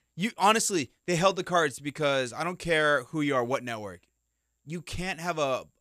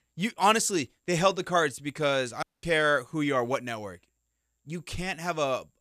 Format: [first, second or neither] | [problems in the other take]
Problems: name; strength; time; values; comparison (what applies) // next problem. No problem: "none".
first | audio cutting out; at 2.5 s